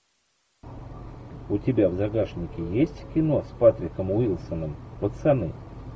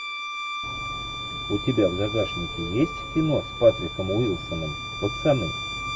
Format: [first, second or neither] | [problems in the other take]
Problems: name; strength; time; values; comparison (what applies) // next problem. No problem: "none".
first | background sound (Bowed string instrument); 7 dB below the speech